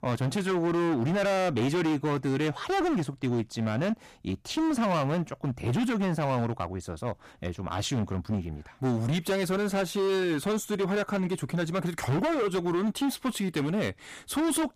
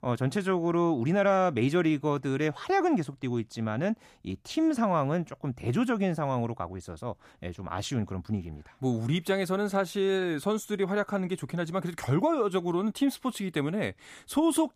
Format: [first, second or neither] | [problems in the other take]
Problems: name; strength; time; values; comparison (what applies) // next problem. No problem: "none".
second | distortion; heavy; 22% of the sound clipped